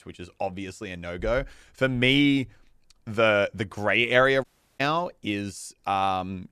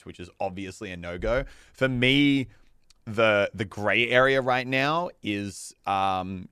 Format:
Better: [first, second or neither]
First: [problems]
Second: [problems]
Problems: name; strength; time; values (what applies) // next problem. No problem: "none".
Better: second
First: audio cutting out; at 4.5 s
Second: none